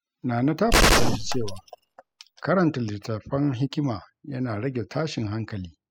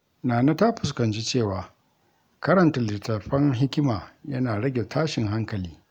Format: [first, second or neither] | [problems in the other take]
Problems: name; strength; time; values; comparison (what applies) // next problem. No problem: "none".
second | noise reduction (classical method spectral subtraction)